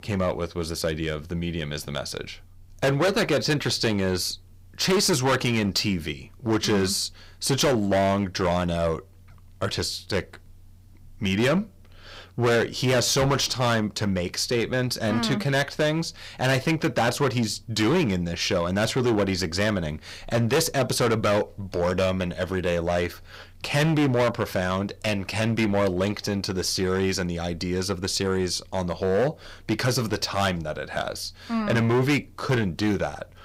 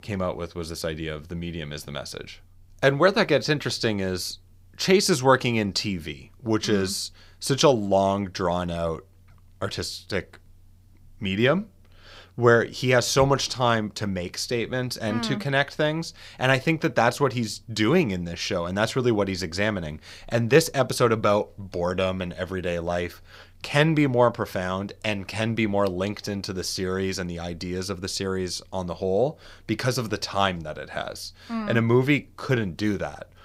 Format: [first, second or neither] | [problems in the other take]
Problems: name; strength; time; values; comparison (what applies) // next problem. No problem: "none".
second | distortion; heavy; 10% of the sound clipped